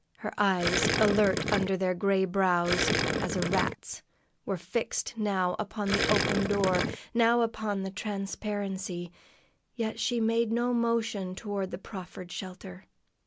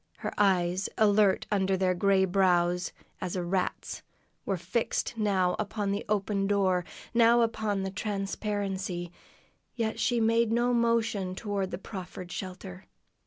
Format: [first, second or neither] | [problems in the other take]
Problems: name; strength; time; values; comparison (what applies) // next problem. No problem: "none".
second | background sound (Gurgling); 1 dB above the speech